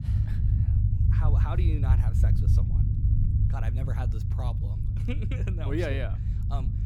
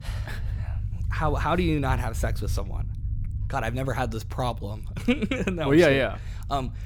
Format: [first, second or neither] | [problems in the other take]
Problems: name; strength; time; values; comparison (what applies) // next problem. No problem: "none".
second | low rumble; loud; throughout; 2 dB below the speech; faint in the second